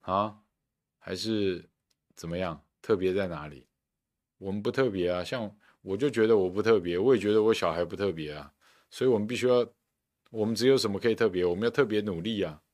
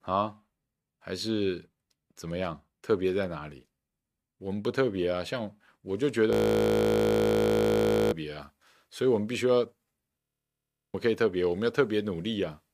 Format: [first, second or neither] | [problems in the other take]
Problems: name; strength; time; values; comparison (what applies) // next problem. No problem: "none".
first | audio freezing; at 6.5 s for 2 s and at 10 s for 1 s